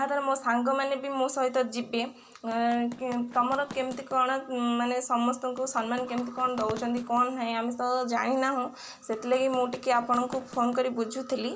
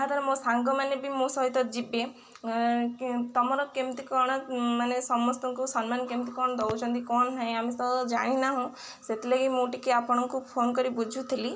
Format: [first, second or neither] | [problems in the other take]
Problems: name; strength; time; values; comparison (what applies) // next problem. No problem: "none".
second | background sound (Run); 18 dB below the speech